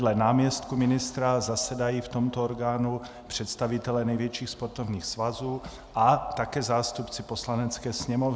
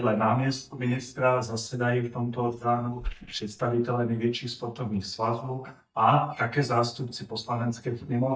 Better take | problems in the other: first | noise reduction (neural mask model DeepFilterNet 3)

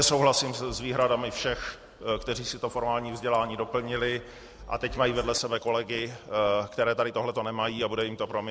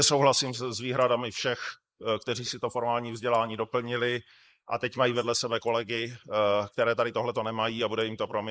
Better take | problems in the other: first | noise reduction (neural mask model Resemble Enhance denoiser)

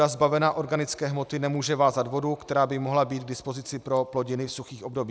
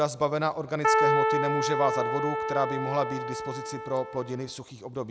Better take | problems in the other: first | background sound (Keyboard (musical)); 2 dB above the speech

